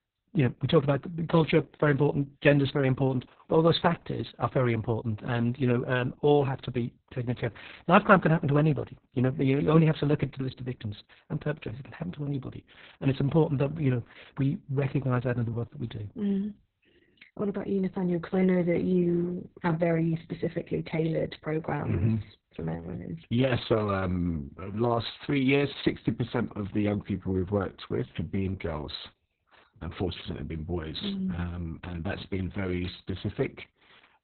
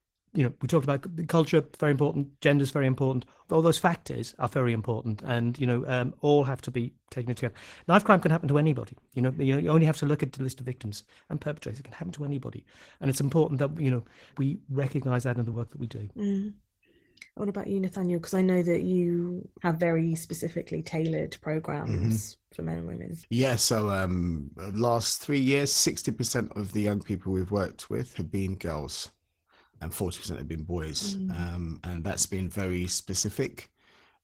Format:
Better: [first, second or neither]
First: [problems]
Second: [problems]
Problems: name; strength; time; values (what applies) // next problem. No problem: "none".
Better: second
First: garbled, watery; badly; nothing above 4 kHz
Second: garbled, watery; slightly; nothing above 16 kHz